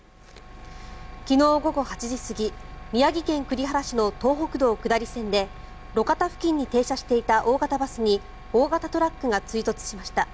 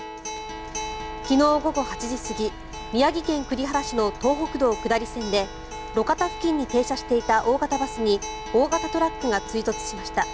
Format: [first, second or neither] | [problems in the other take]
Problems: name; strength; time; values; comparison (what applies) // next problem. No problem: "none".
first | background sound (Acoustic guitar); 11 dB below the speech